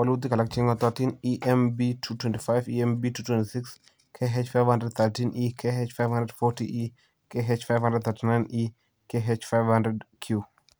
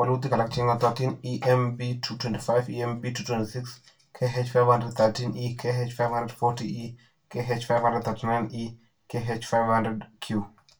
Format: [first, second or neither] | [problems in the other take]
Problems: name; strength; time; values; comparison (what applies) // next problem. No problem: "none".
first | room echo; dies away in 0.2 s